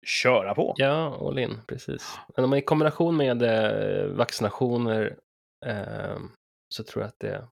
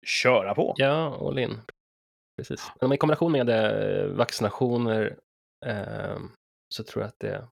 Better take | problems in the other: first | audio freezing; at 1.5 s for 0.5 s

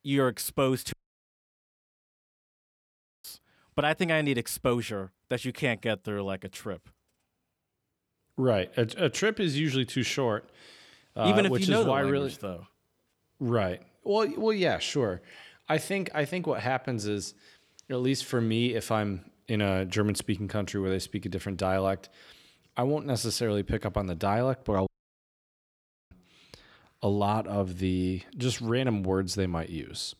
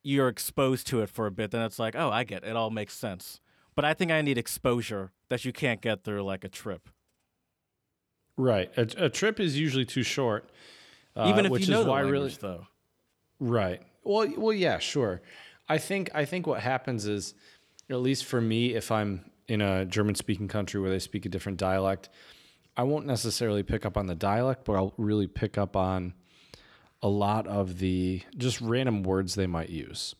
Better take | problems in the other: second | audio cutting out; at 1 s for 2.5 s and at 25 s for 1 s

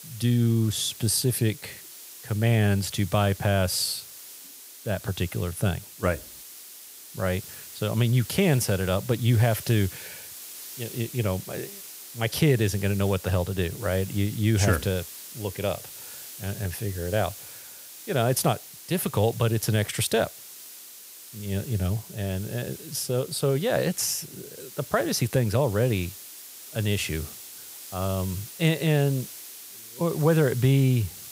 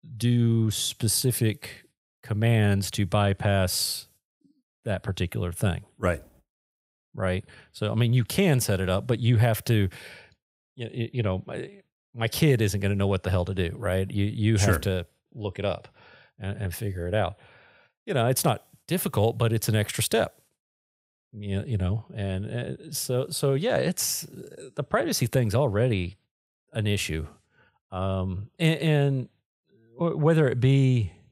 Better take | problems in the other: second | hiss; noticeable; throughout; 15 dB below the speech

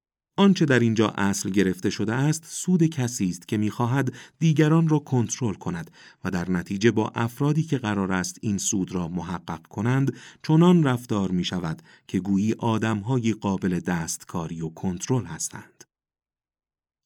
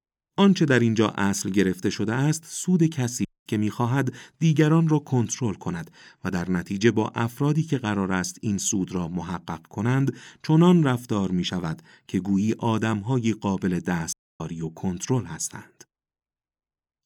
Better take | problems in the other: first | audio cutting out; at 3.5 s and at 14 s

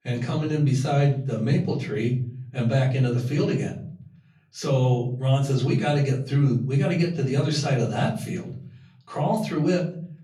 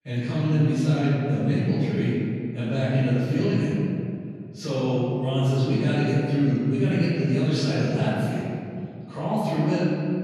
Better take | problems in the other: first | room echo; strong; dies away in 2.3 s; slight in the first // off-mic speech; far; far in the first

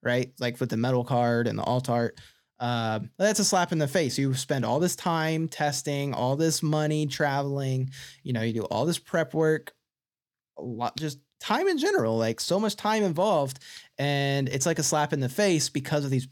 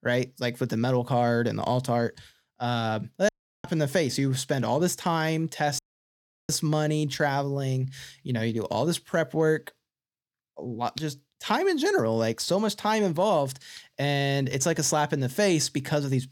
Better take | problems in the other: first | audio cutting out; at 3.5 s and at 6 s for 0.5 s

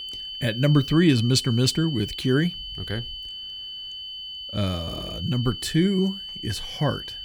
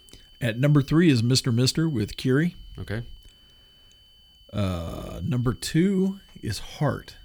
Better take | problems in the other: second | high-pitched whine; loud; throughout; 3 kHz, 9 dB below the speech; faint in the second

